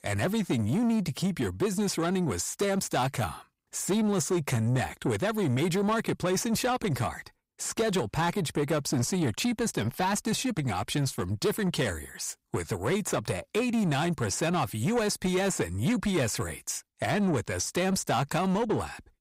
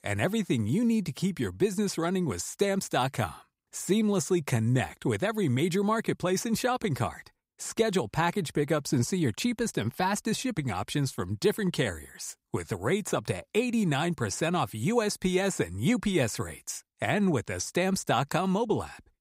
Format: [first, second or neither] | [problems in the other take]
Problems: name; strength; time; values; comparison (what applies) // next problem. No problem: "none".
second | distortion; slight; 10 dB below the speech